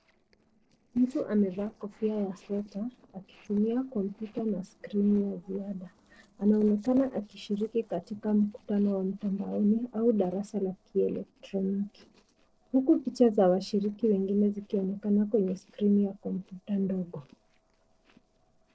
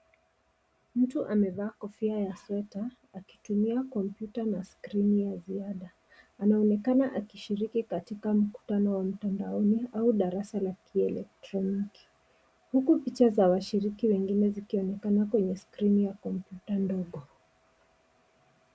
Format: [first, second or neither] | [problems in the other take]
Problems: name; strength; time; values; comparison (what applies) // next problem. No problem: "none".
second | noise reduction (neural separator model SepFormer DNS4)